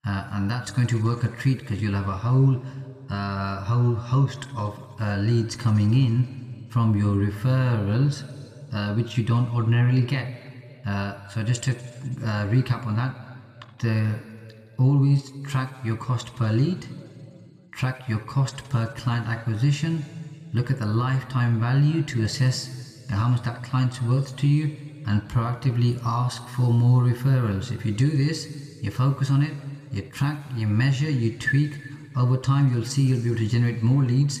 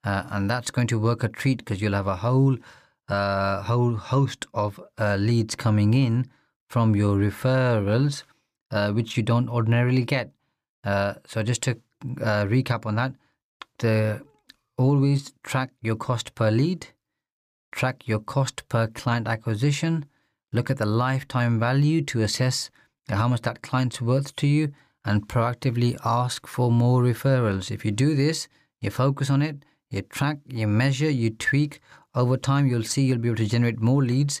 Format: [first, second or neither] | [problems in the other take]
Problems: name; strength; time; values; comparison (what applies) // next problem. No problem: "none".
second | room echo; noticeable; dies away in 2 s